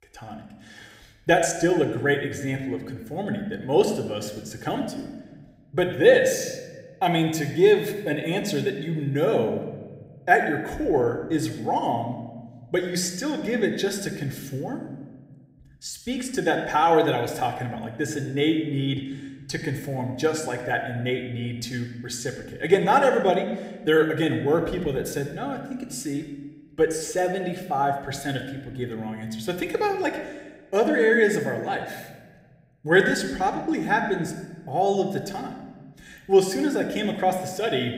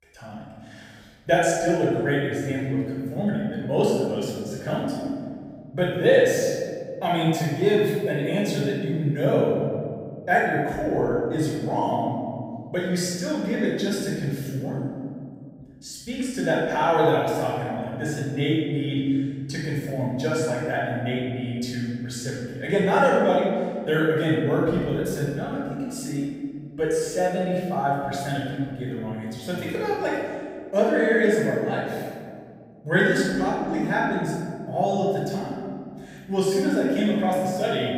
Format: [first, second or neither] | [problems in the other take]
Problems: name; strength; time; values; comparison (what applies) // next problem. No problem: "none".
first | room echo; strong; dies away in 1.9 s; slight in the first // off-mic speech; far